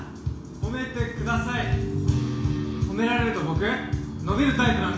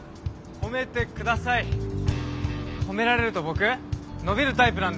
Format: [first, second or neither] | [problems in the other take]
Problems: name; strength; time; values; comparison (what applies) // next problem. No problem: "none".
second | room echo; dies away in 0.7 s